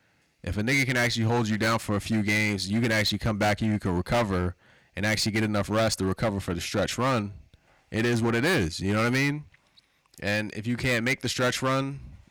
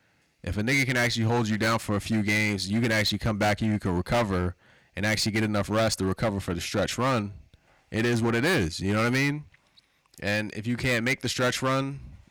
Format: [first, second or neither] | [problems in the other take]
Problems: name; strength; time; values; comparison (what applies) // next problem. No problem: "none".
neither | distortion; heavy; 13% of the sound clipped; the same in both